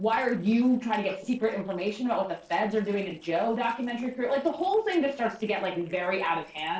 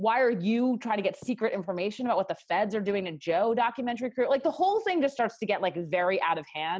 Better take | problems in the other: second | noise reduction (neural separator model SepFormer DNS4)

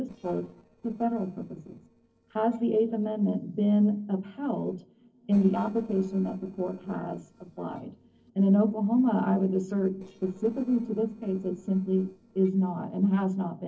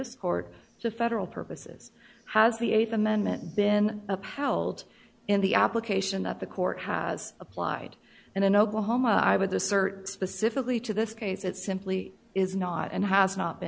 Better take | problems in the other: second | noise reduction (neural separator model SepFormer DNS4)

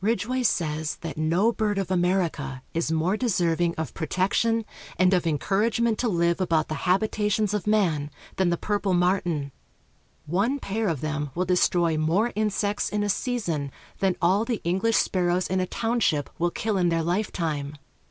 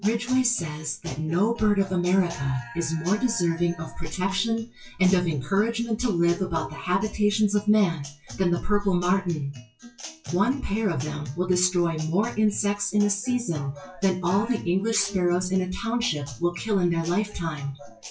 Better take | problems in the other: first | noise reduction (classical method WPE with log-MMSE)

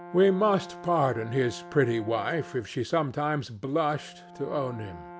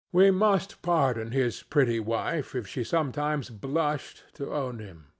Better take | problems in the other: second | background sound (Brass instrument); 17 dB below the speech

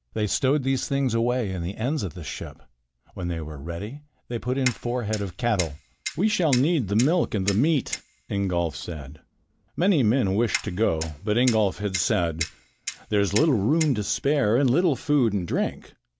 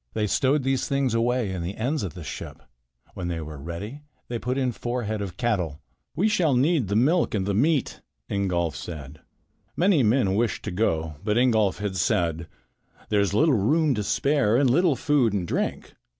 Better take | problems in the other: second | background sound (Clock); 11 dB below the speech

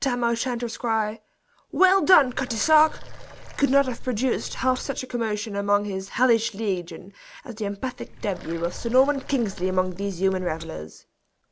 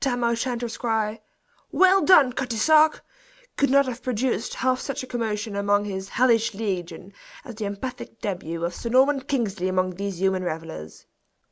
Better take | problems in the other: second | background sound (Water); 12 dB below the speech

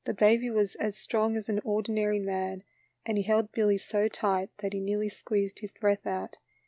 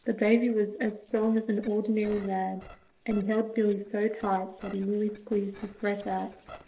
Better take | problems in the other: first | noise reduction (neural separator model SepFormer DNS4)

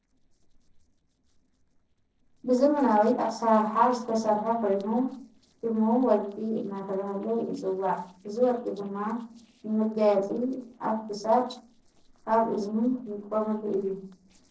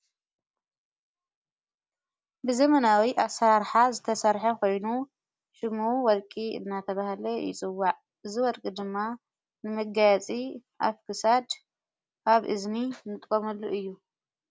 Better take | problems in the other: second | noise reduction (neural separator model SepFormer DNS4)

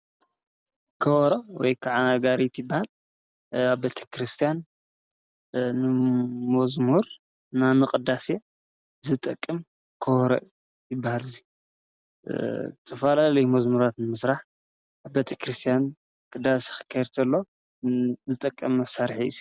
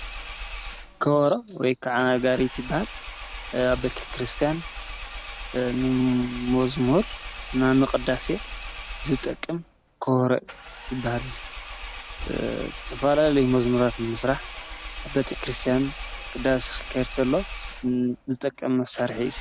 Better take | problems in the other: first | background sound (Engine + Rattle (instrument)); 11 dB below the speech

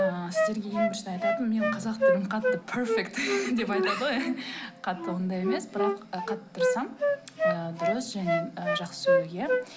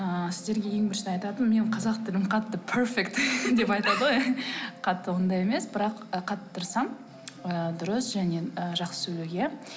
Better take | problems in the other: second | background sound (Wind instrument, woodwind instrument); 2 dB above the speech

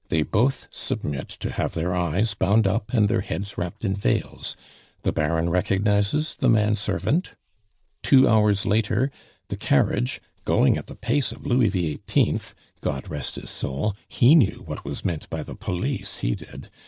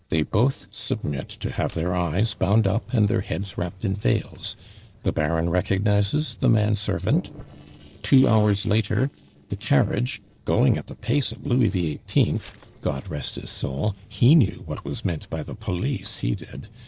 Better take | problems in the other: first | noise reduction (neural separator model SepFormer DNS4)

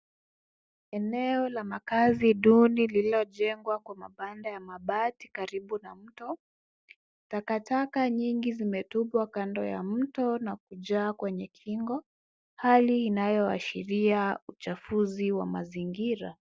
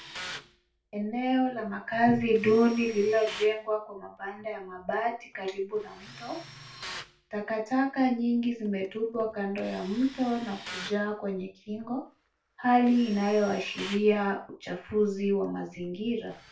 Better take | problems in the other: first | background sound (Tools); 18 dB below the speech // room echo; dies away in 0.3 s

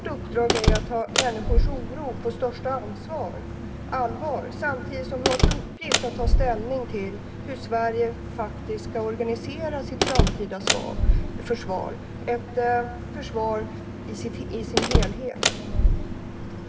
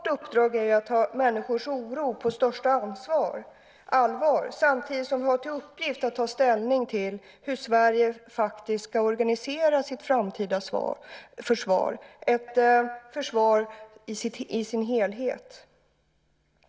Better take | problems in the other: second | background sound (Slam); 4 dB above the speech // room echo; dies away in 0.3 s

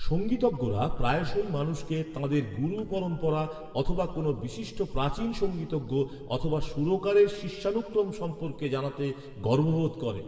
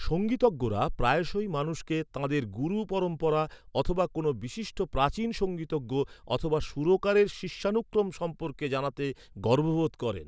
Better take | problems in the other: second | noise reduction (neural separator model SepFormer DNS4)

